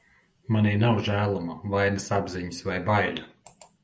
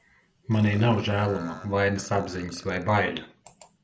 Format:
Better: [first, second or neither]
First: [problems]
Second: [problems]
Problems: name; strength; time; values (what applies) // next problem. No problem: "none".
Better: first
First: none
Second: background sound (Burping, eructation); 18 dB below the speech